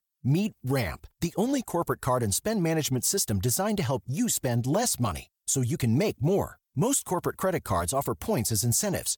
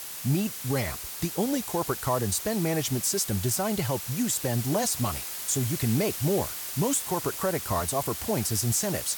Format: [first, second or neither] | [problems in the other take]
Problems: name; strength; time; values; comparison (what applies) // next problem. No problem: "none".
first | hiss; loud; throughout; 5 dB below the speech